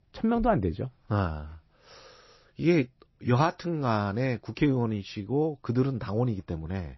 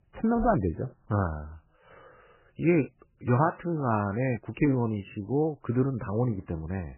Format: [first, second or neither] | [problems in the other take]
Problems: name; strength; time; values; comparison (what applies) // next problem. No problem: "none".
first | garbled, watery; badly; nothing above 2.5 kHz; slightly in the first